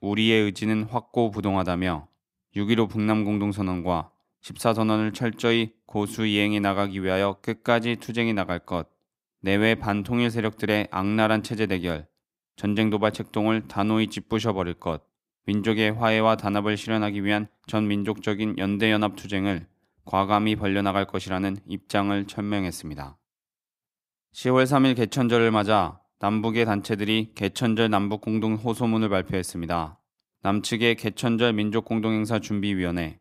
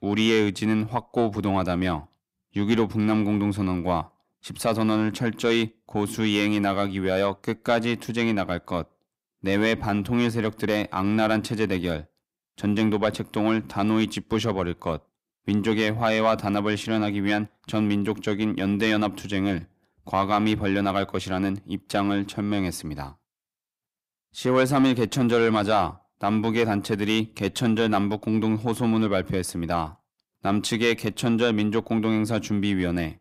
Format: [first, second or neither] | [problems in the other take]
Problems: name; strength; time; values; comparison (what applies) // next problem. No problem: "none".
first | distortion; slight; 10 dB below the speech